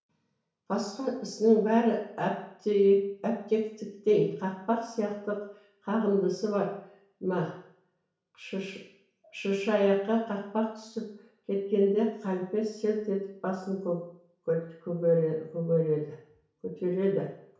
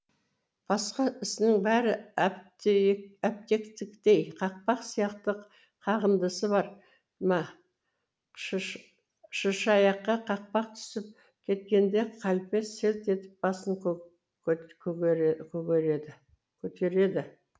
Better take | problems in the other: second | room echo; dies away in 0.6 s

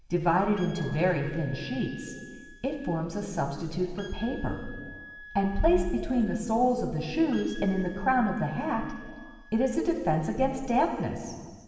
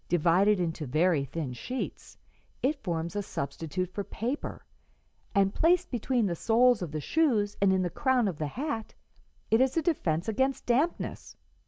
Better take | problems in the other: second | background sound (Wind instrument, woodwind instrument); 20 dB below the speech // room echo; dies away in 1.7 s

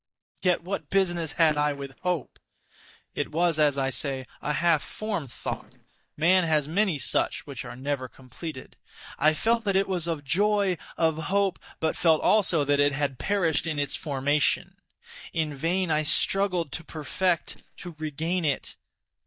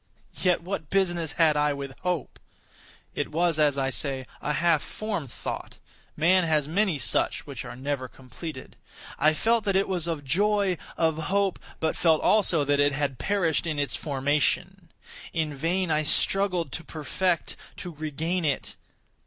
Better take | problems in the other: second | noise reduction (neural mask model DeepFilterNet 3)

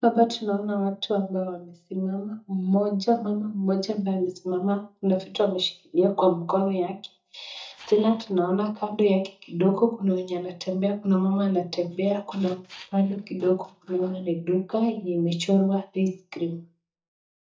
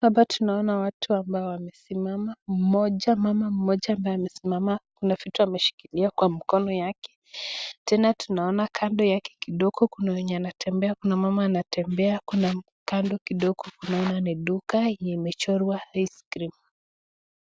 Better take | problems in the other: second | noise reduction (neural mask model DeepFilterNet 3)

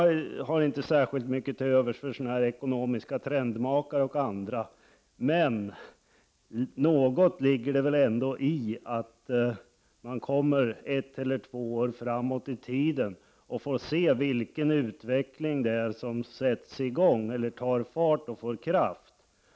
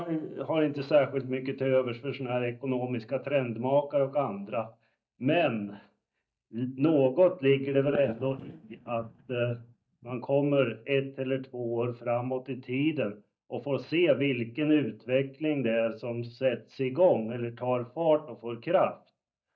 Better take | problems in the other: first | noise reduction (neural mask model DeepFilterNet 3)

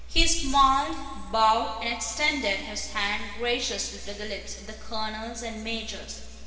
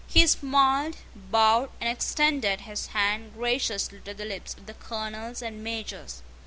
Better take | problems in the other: second | room echo; dies away in 2.2 s

